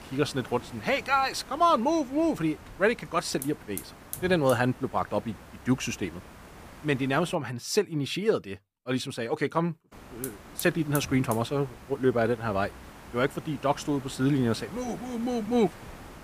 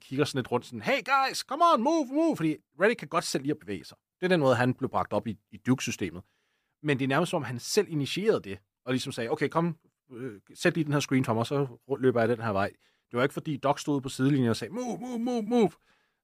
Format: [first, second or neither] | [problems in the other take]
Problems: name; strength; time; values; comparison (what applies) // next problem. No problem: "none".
second | hiss; noticeable; until 7.5 s and from 10 s on; 15 dB below the speech